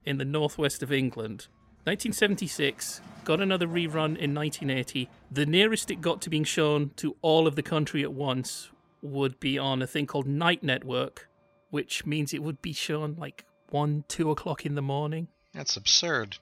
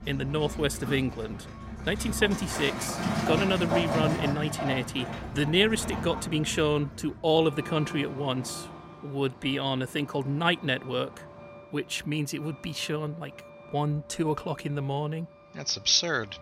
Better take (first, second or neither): first